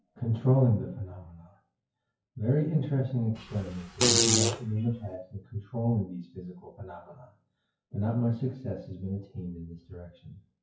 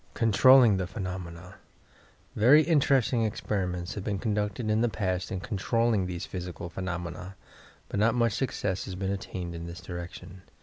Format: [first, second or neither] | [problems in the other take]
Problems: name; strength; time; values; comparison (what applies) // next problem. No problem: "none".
second | noise reduction (classical method WPE with log-MMSE)